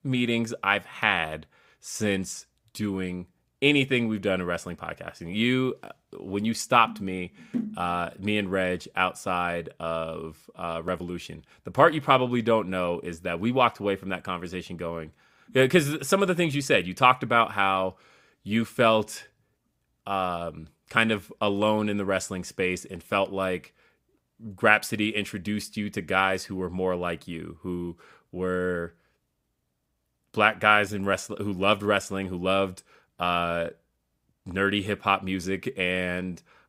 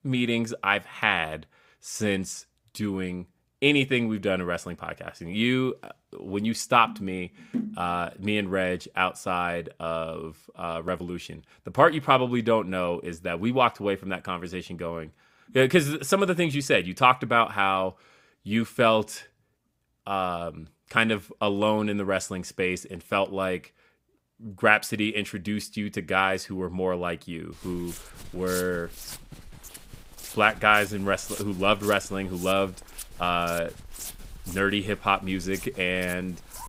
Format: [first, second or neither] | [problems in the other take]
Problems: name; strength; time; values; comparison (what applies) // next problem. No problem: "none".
first | footsteps; noticeable; from 28 s on; peak 10 dB below the speech